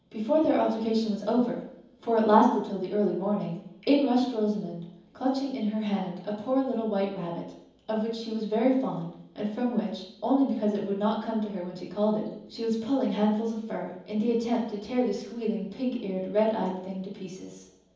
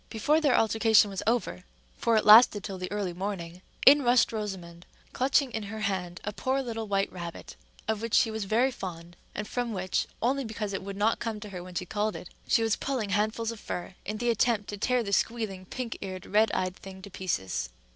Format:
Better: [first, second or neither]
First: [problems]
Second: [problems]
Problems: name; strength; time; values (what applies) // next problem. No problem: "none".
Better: second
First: room echo; dies away in 0.9 s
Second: none